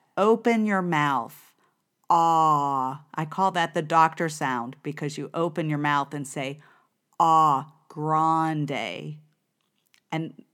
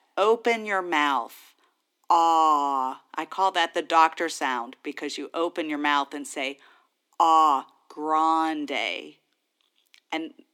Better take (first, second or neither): first